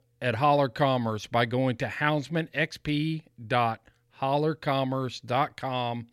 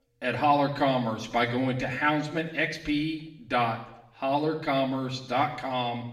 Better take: first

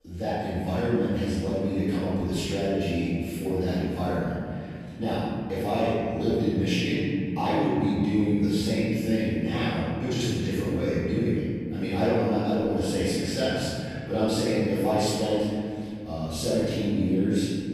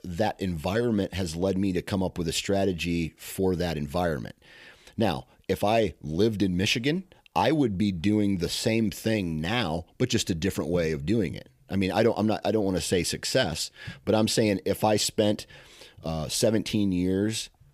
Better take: second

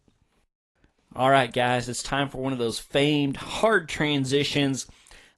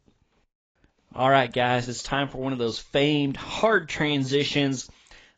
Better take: first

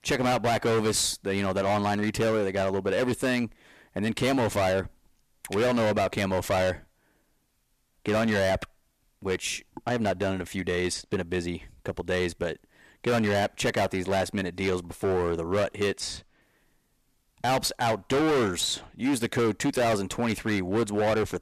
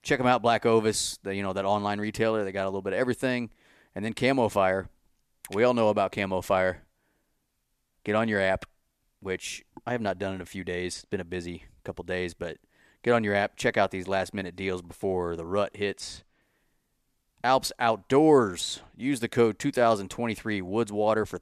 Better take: second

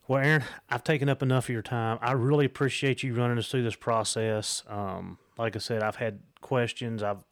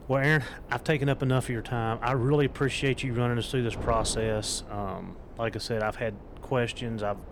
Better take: first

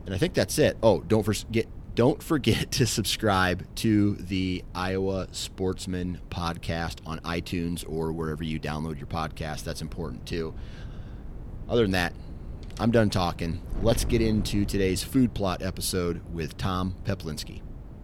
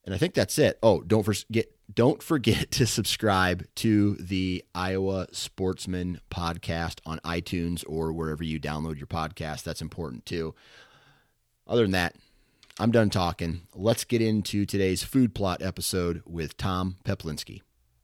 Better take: second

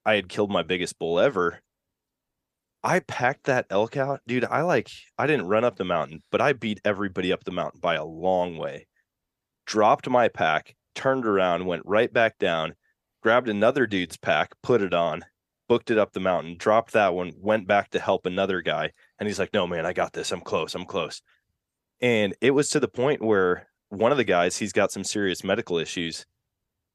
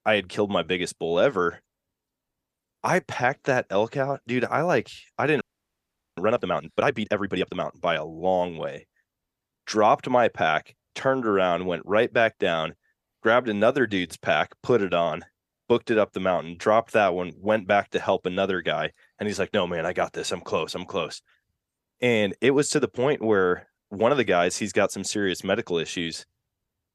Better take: first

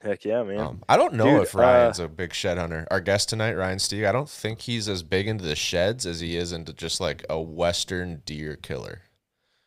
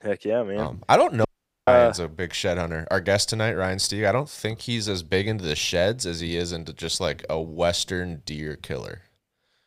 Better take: first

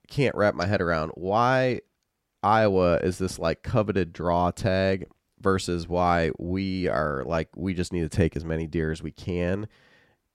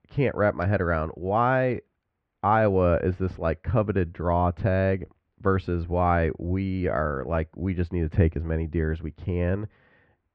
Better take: first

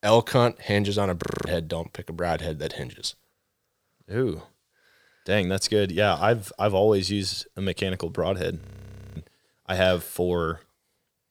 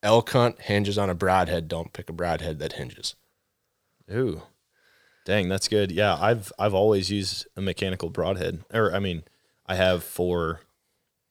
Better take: second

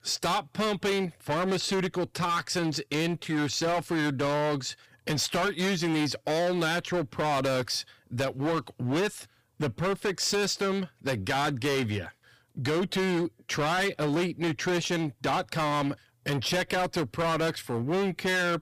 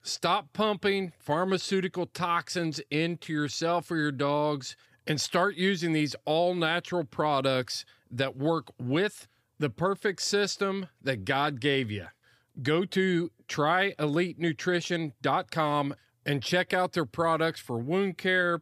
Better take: second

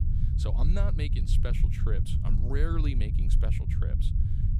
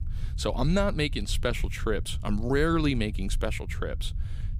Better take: second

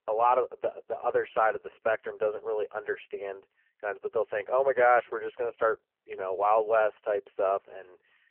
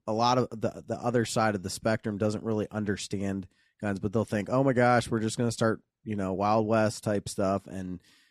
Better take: second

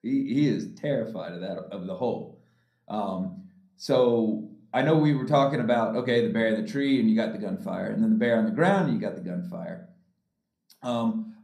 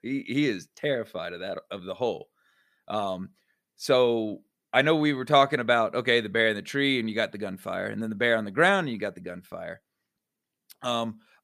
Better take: second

